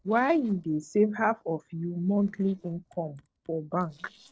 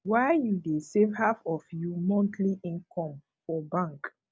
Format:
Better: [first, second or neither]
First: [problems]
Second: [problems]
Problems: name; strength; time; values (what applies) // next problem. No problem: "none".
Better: second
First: noise reduction (neural separator model SepFormer DNS4)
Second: none